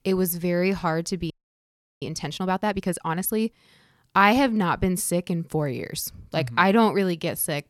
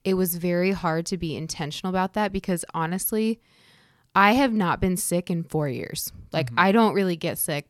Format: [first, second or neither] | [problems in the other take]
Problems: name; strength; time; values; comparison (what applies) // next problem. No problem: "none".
second | audio freezing; at 1.5 s for 0.5 s